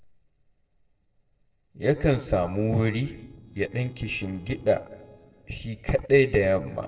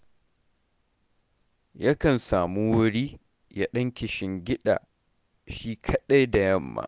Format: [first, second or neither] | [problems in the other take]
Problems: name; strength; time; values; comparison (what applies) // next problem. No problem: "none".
second | noise reduction (neural separator model SepFormer DNS4)